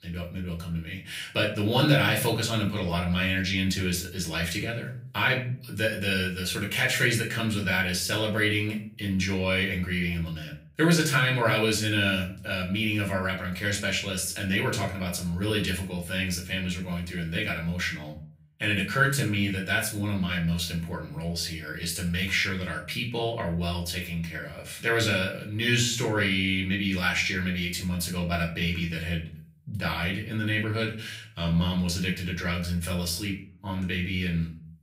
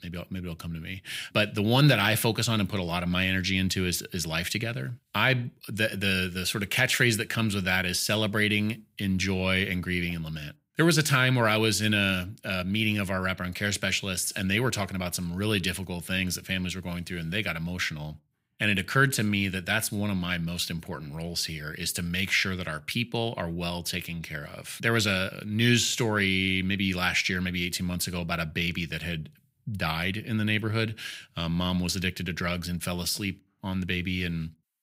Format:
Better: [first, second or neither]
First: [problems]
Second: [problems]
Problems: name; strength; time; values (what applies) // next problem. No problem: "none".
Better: second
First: room echo; slight; dies away in 0.4 s // off-mic speech; far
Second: none